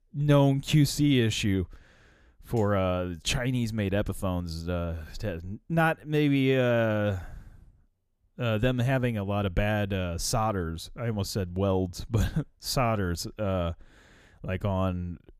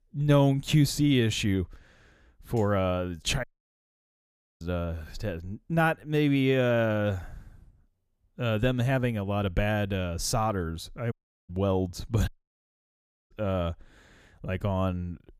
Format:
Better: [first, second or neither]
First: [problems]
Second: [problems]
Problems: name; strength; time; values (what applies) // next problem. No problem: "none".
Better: first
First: none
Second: audio cutting out; at 3.5 s for 1 s, at 11 s and at 12 s for 1 s